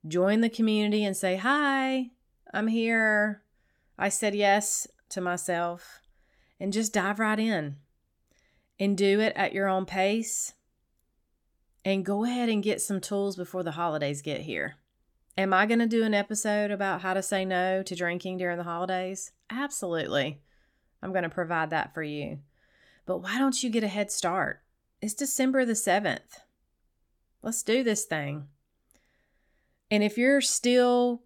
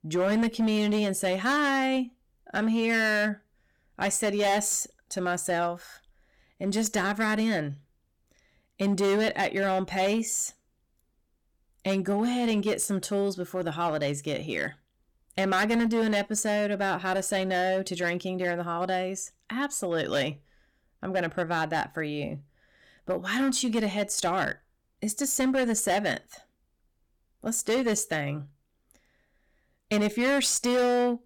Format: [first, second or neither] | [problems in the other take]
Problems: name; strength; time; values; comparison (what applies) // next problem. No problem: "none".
first | distortion; slight; 9% of the sound clipped